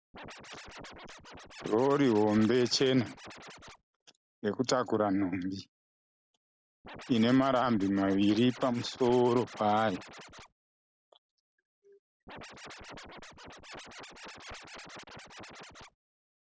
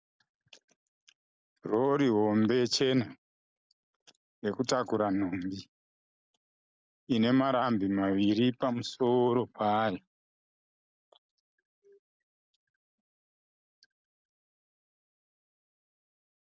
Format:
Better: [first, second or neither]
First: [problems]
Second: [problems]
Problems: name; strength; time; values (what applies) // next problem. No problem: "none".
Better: second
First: background sound (Scratching (performance technique)); 16 dB below the speech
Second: none